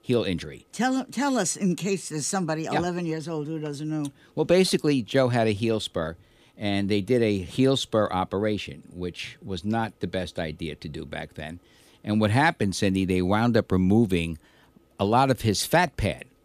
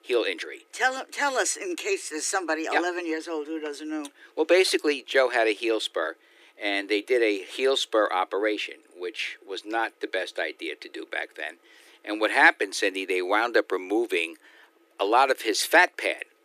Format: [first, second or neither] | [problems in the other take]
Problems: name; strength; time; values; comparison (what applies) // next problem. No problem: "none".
first | thin; very; fading below 300 Hz